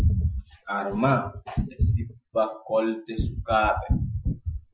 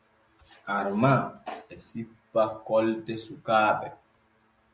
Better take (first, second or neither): second